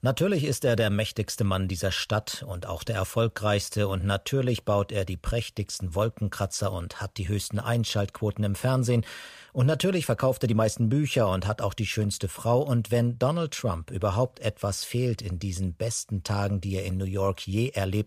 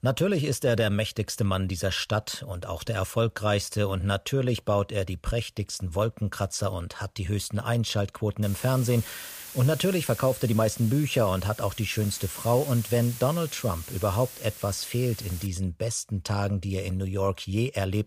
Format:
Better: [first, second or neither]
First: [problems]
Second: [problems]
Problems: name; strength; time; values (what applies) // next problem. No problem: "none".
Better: first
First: none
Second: hiss; noticeable; from 8.5 to 15 s; 10 dB below the speech